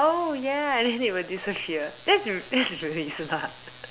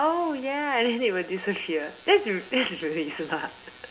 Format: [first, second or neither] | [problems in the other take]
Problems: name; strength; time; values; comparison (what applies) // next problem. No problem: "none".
first | room echo; dies away in 0.3 s